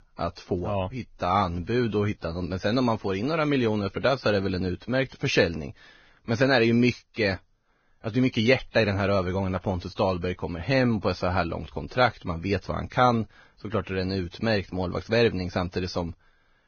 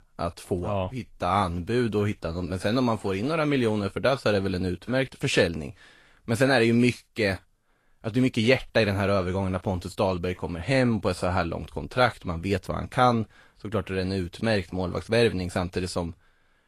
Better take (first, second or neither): second